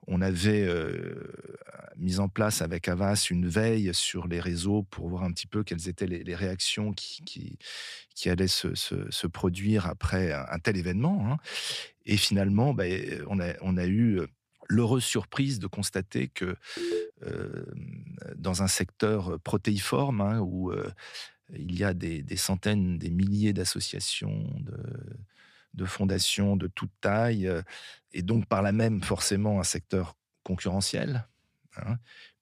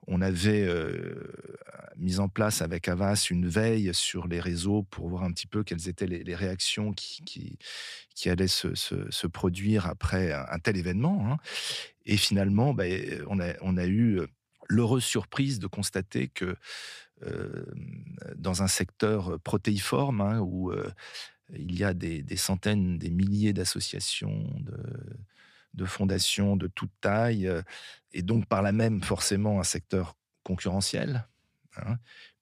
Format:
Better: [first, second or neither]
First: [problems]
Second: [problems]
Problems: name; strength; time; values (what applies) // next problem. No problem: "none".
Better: second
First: phone ringing; noticeable; at 17 s; peak 3 dB below the speech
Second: none